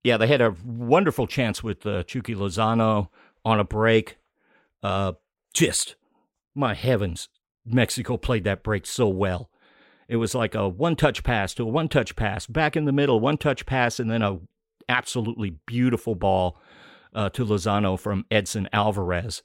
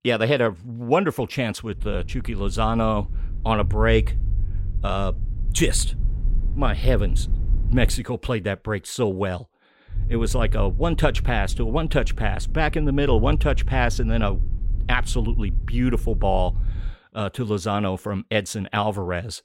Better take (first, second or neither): first